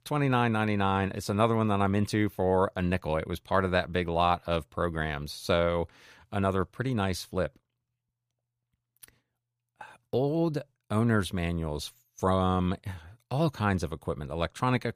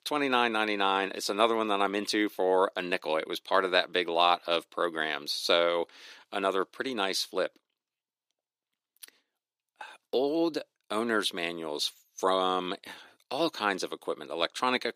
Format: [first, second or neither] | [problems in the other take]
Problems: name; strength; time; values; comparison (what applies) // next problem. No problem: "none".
first | thin; somewhat; fading below 300 Hz